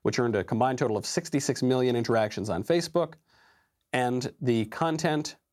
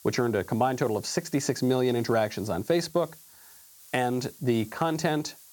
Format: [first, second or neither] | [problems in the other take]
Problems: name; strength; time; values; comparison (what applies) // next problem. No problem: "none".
first | hiss; faint; throughout; 20 dB below the speech